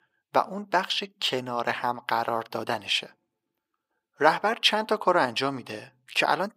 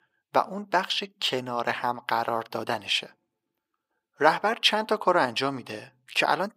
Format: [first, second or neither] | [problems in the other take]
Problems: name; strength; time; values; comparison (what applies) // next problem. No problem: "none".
neither | thin; very; fading below 450 Hz; the same in both